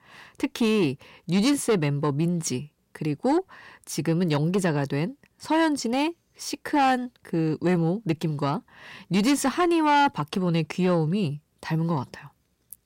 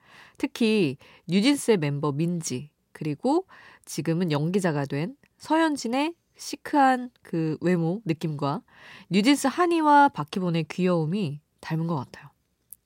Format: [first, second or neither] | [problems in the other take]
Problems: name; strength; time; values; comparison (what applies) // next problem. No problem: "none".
second | distortion; slight; 10 dB below the speech